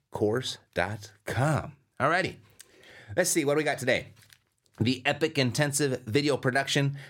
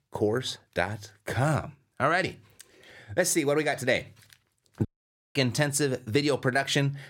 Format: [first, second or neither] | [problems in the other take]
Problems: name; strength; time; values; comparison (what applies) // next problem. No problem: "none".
first | audio cutting out; at 5 s for 0.5 s